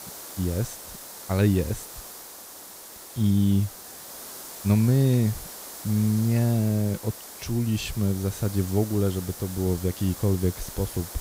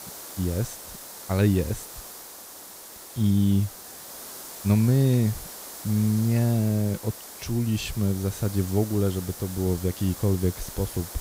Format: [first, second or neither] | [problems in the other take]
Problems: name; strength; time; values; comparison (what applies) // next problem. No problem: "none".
neither | hiss; noticeable; throughout; 15 dB below the speech; the same in both